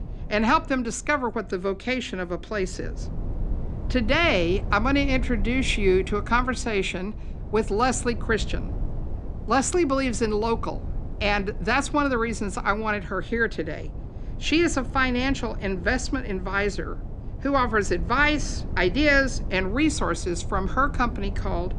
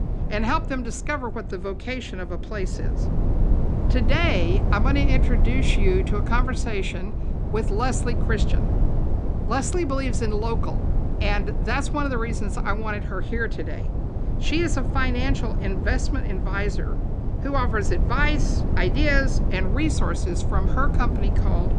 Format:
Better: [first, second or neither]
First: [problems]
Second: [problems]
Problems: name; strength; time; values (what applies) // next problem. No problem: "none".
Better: first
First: low rumble; faint; throughout; 20 dB below the speech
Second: low rumble; loud; throughout; 9 dB below the speech